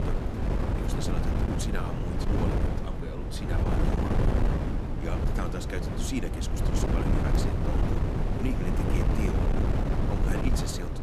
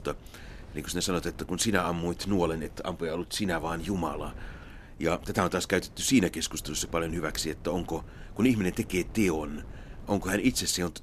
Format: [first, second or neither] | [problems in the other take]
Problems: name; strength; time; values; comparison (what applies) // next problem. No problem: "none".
second | wind noise on the microphone; heavy; 4 dB above the speech; occasional gusts in the second